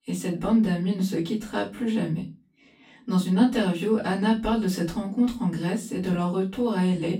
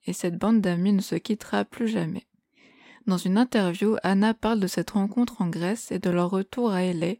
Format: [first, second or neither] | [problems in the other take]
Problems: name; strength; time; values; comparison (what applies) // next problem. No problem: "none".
second | room echo; slight; dies away in 0.3 s // off-mic speech; far